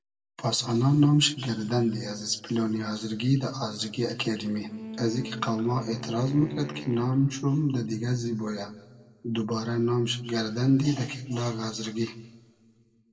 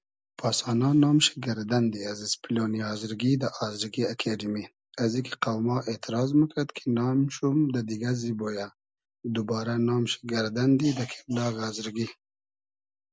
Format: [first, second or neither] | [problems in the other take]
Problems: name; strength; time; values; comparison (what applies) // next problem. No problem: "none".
second | background sound (Wind instrument, woodwind instrument); 13 dB below the speech // room echo; dies away in 1.2 s